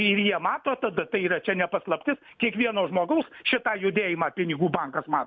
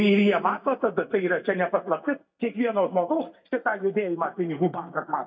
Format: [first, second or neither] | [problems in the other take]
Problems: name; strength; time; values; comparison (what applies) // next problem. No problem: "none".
first | noise reduction (neural mask model DeepFilterNet 3)